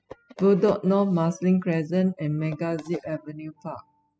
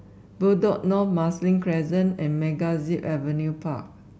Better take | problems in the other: second | noise reduction (classical method spectral subtraction)

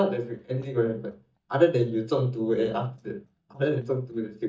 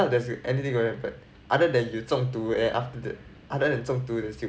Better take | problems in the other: second | noise reduction (neural mask model DeepFilterNet 3)

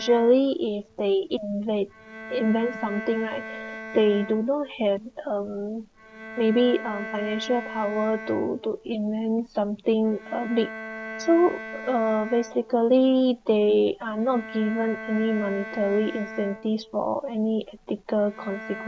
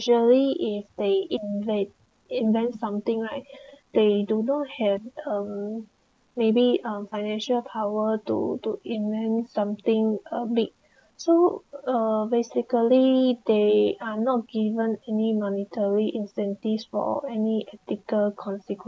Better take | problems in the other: second | background sound (Bowed string instrument); 14 dB below the speech

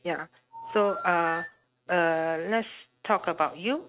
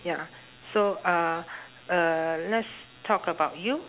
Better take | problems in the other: second | noise reduction (neural mask model RNNoise)

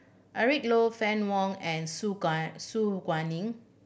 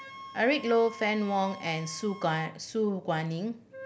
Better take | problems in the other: first | background sound (Wind instrument, woodwind instrument); 17 dB below the speech

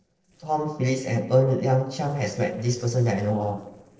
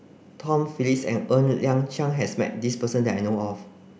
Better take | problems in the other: second | noise reduction (neural separator model SepFormer DNS4)

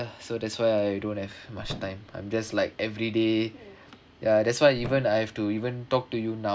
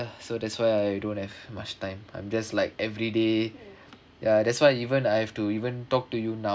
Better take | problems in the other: second | background sound (Thump, thud); 16 dB below the speech

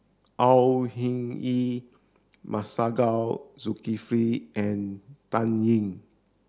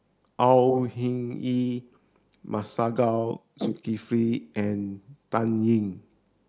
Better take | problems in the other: first | noise reduction (neural mask model Resemble Enhance denoiser)

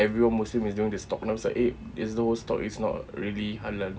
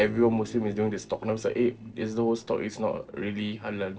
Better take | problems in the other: first | noise reduction (neural separator model SepFormer DNS4)

